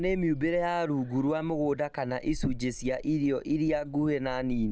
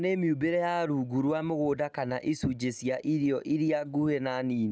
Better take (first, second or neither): second